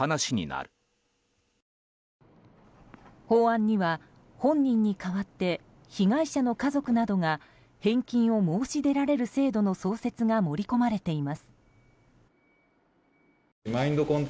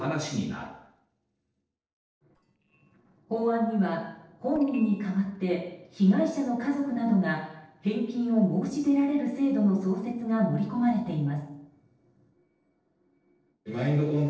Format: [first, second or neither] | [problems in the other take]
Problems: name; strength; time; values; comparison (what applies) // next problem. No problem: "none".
first | noise reduction (neural separator model SepFormer DNS4)